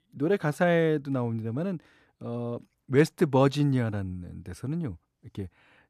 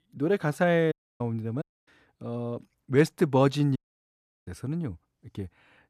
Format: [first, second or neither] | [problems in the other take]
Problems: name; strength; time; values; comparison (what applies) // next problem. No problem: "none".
first | audio cutting out; at 1 s, at 1.5 s and at 4 s for 0.5 s